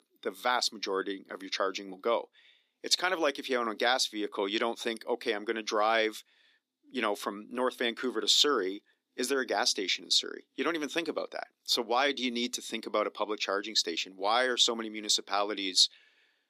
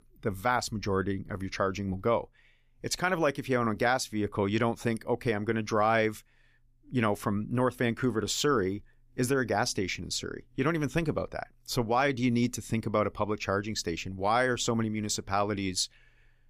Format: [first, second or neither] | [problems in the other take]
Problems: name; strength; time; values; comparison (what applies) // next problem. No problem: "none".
second | thin; somewhat; fading below 250 Hz